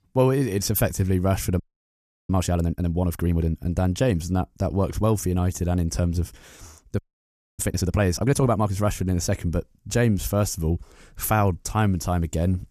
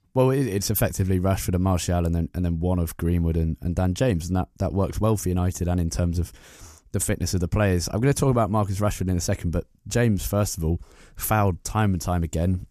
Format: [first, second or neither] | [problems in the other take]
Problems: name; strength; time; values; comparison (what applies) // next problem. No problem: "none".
second | audio freezing; at 1.5 s for 0.5 s and at 7 s for 0.5 s